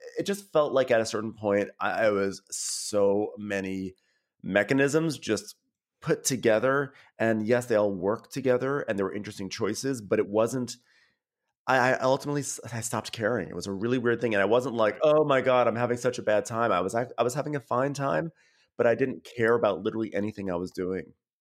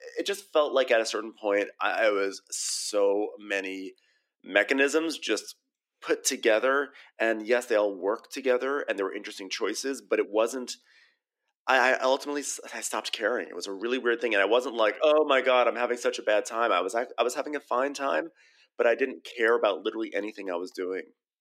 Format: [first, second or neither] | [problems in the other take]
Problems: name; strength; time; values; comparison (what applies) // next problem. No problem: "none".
first | thin; very slightly; fading below 300 Hz